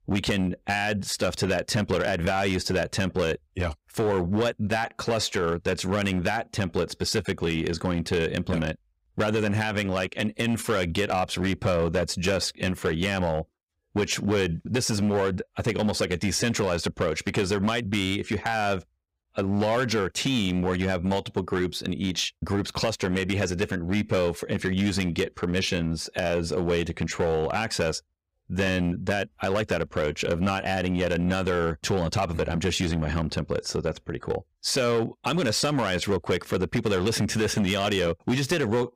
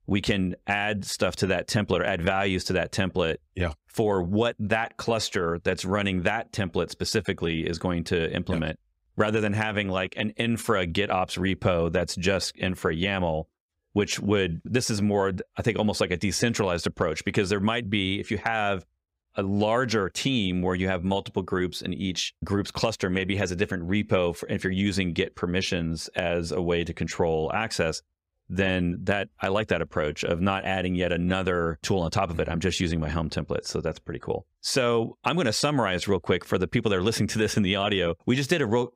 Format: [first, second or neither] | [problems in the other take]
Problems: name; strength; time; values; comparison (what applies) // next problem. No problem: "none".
second | distortion; slight; 9% of the sound clipped